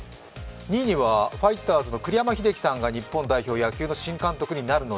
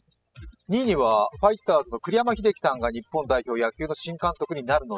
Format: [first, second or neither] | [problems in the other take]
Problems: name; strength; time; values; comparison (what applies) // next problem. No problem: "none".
first | noise reduction (classical method spectral subtraction)